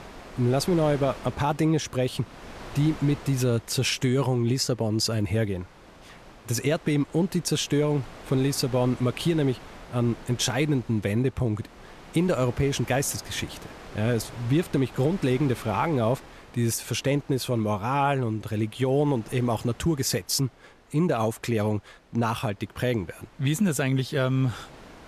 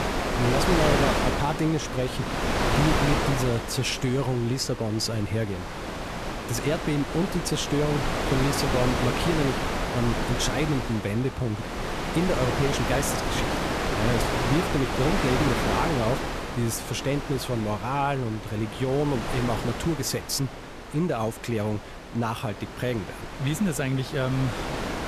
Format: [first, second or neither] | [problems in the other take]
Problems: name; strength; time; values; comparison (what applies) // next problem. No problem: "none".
first | wind noise on the microphone; heavy; 1 dB above the speech; occasional gusts in the first